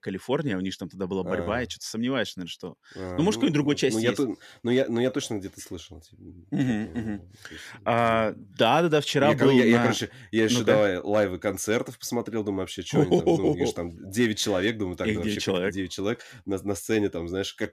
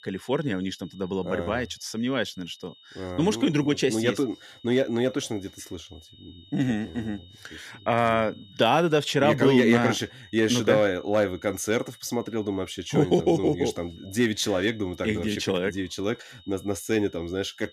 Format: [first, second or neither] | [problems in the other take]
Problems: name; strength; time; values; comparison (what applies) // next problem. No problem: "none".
first | high-pitched whine; faint; throughout; 3.5 kHz, 25 dB below the speech